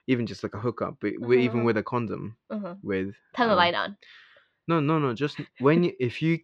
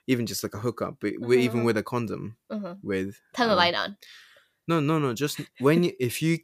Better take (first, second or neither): second